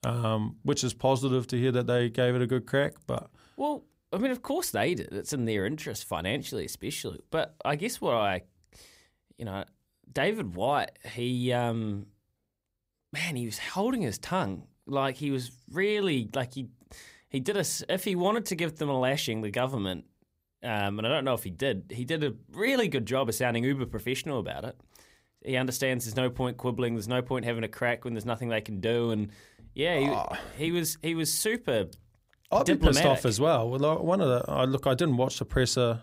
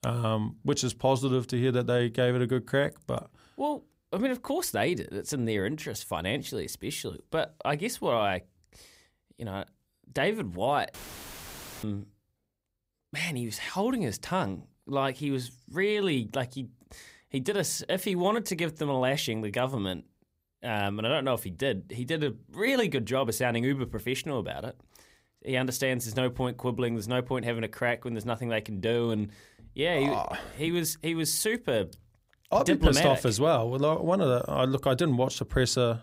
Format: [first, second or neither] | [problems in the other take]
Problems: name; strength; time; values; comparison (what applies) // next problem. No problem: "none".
first | audio cutting out; filled with static; at 11 s for 1 s